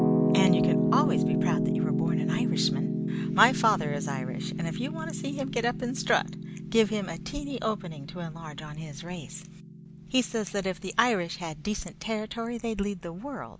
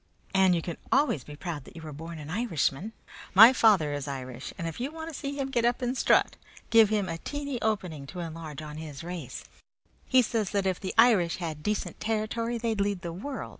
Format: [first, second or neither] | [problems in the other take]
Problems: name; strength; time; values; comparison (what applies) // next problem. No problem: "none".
second | background sound (Piano); as loud as the speech